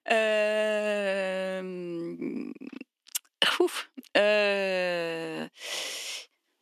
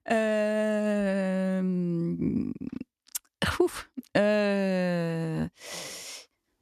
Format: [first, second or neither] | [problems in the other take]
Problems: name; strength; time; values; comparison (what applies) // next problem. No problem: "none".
second | thin; somewhat; fading below 300 Hz